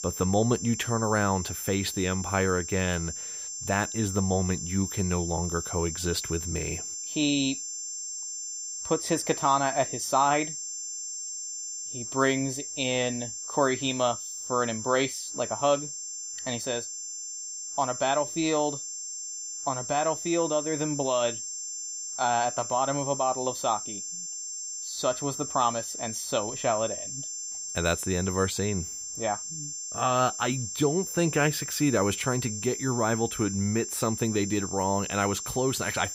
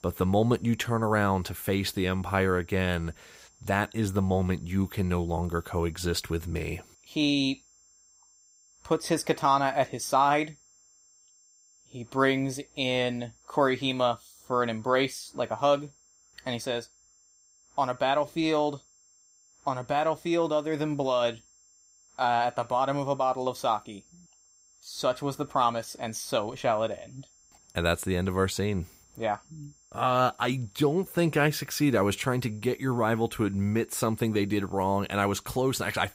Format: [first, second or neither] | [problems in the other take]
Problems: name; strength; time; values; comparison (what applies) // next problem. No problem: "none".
second | high-pitched whine; loud; throughout; 7.5 kHz, 5 dB below the speech; faint in the second